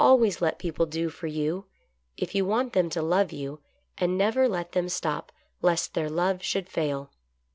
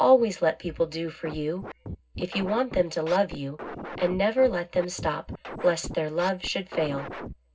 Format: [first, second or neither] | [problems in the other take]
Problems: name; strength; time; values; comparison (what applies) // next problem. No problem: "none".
first | background sound (Scratching (performance technique)); 12 dB below the speech // room echo; dies away in 0.4 s